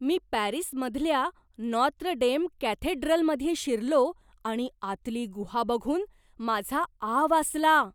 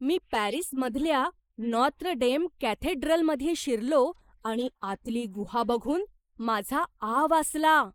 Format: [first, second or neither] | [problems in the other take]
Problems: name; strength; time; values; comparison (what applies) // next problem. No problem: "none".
first | noise reduction (neural mask model Resemble Enhance denoiser)